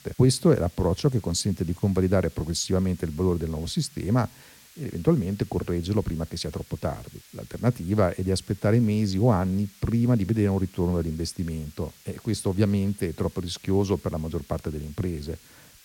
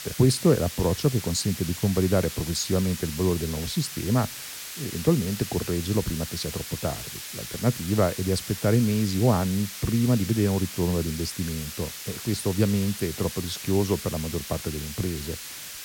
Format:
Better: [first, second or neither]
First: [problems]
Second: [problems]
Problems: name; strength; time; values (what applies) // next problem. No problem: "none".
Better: first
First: hiss; faint; throughout; 25 dB below the speech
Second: hiss; loud; throughout; 9 dB below the speech